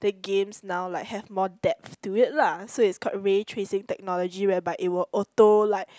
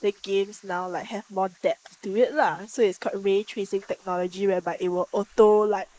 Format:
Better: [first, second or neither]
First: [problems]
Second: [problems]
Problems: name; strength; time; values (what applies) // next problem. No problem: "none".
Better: first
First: none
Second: noise reduction (neural mask model Resemble Enhance denoiser)